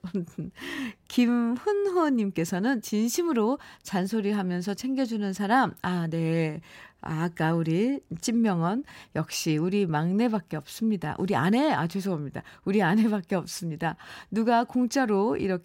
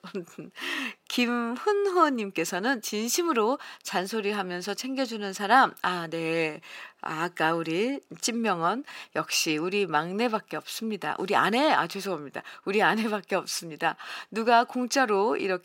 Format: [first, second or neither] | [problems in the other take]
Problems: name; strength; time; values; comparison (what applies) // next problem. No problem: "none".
first | thin; somewhat; fading below 400 Hz